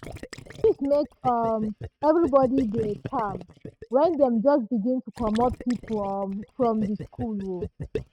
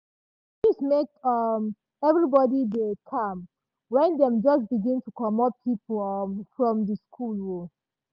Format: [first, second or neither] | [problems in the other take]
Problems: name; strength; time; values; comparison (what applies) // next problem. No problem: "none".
second | noise reduction (neural mask model RNNoise)